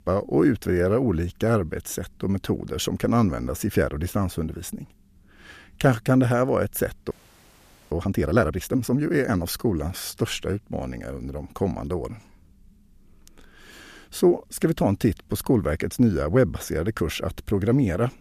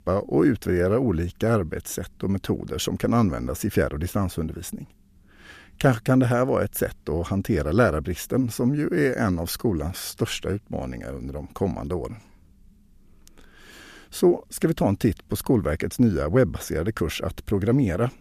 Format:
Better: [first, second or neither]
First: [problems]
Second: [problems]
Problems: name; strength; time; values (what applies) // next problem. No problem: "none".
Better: second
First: audio freezing; at 7 s for 1 s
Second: none